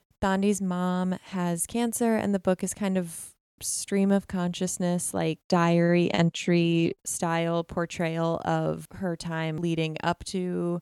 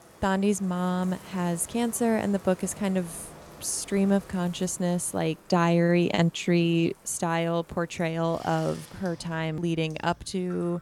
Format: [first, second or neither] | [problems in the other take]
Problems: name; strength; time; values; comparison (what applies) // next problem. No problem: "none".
first | household noises; faint; throughout; 20 dB below the speech